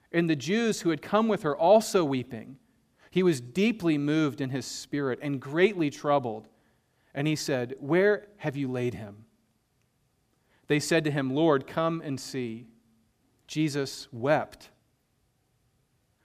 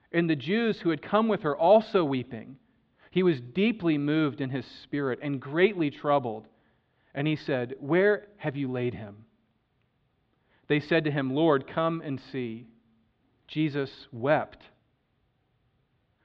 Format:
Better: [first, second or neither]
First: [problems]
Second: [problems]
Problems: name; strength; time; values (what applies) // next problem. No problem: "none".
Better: first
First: none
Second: muffled; slightly; fading above 3.5 kHz